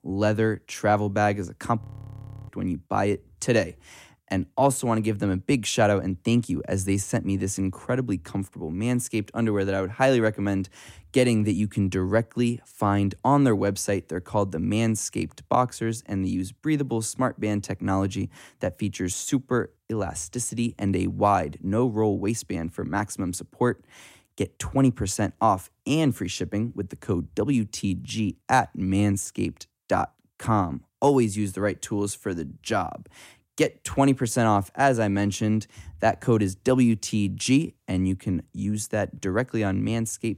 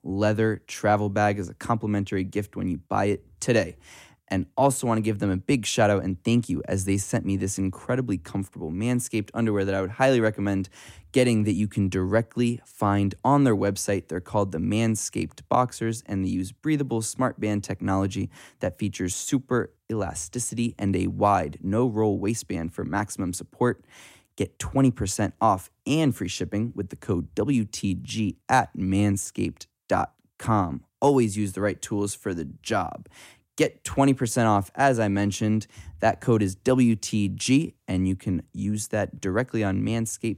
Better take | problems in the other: second | audio freezing; at 2 s for 0.5 s

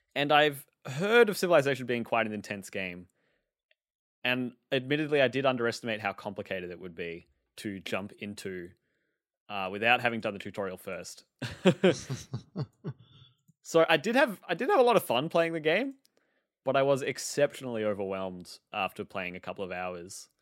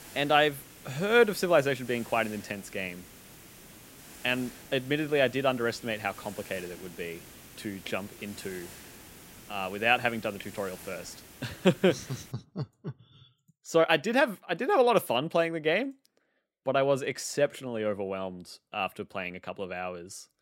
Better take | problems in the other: first | hiss; noticeable; until 12 s; 20 dB below the speech

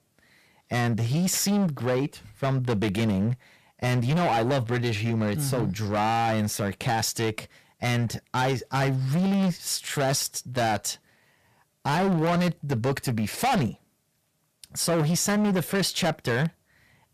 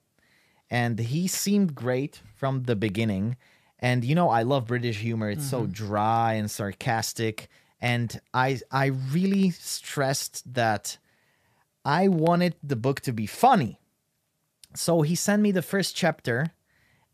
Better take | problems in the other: second | distortion; heavy; 18% of the sound clipped

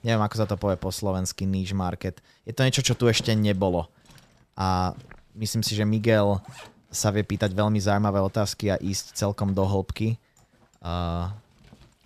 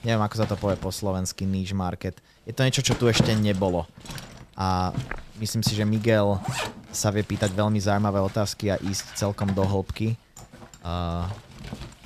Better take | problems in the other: first | household noises; loud; throughout; 9 dB below the speech; faint in the first

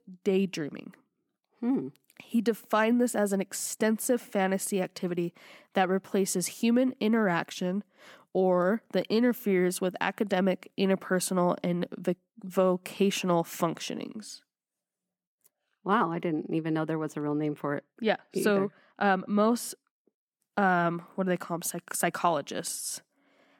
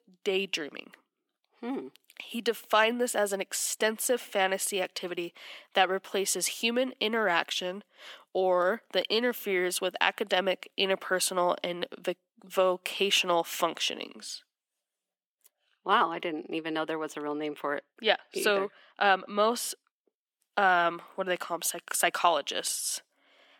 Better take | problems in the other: first | thin; somewhat; fading below 450 Hz

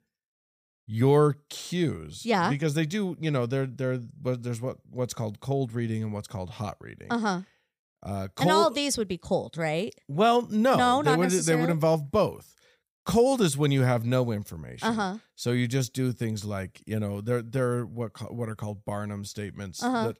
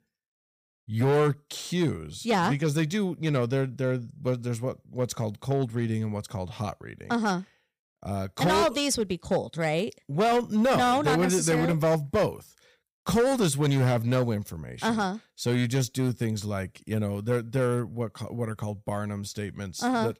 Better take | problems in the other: first | distortion; slight; 6% of the sound clipped

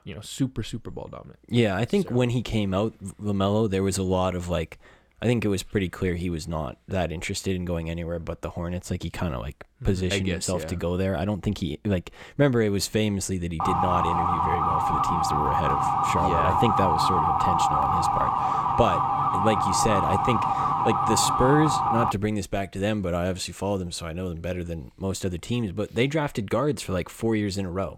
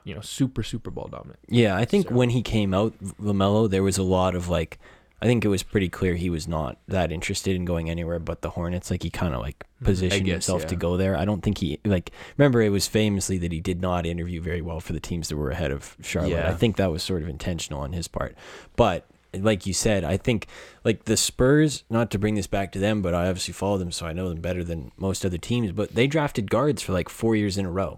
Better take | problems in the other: second | siren; loud; from 14 to 22 s; peak 5 dB above the speech

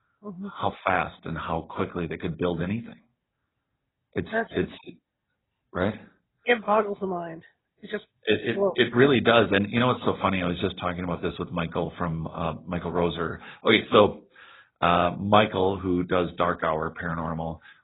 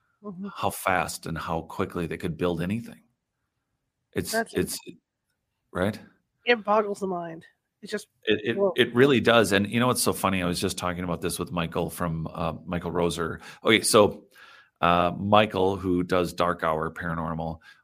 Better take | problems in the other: second | garbled, watery; badly; nothing above 4 kHz

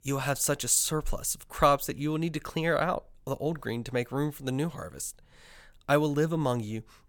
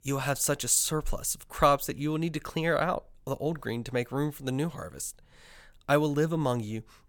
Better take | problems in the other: neither | none

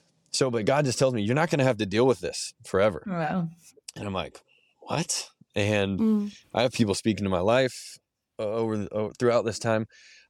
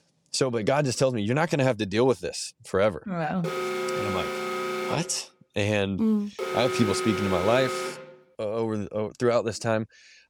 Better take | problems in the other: first | alarm; noticeable; from 3.5 to 8 s; peak 2 dB below the speech

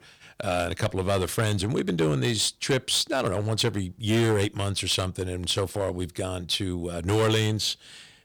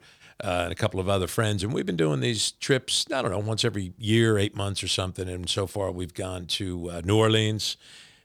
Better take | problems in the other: second | distortion; slight; 6% of the sound clipped

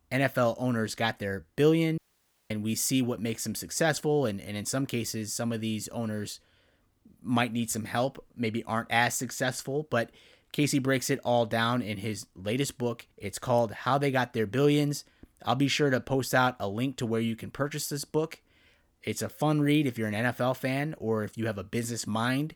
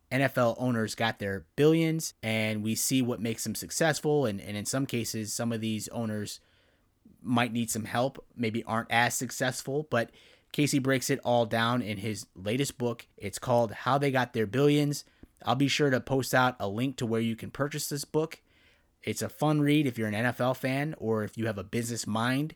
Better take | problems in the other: second | audio cutting out; at 2 s for 0.5 s

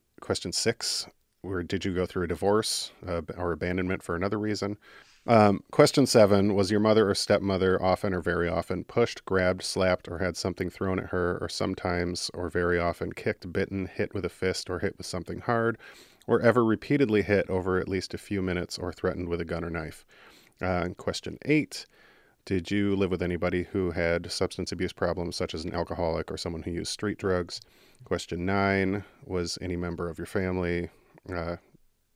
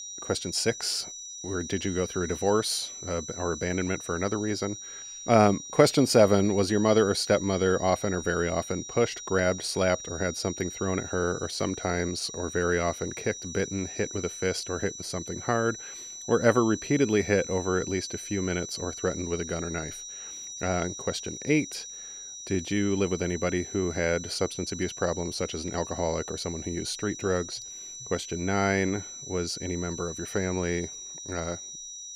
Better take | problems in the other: first | high-pitched whine; loud; throughout; 6 kHz, 10 dB below the speech

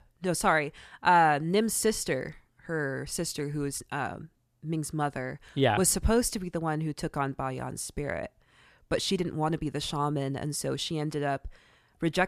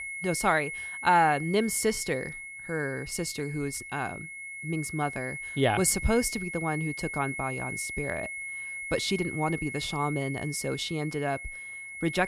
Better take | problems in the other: first | high-pitched whine; loud; throughout; 2 kHz, 7 dB below the speech

